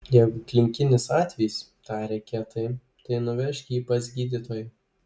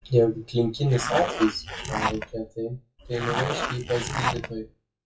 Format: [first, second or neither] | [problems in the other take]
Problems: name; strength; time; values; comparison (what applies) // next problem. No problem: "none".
first | noise reduction (classical method WPE with log-MMSE)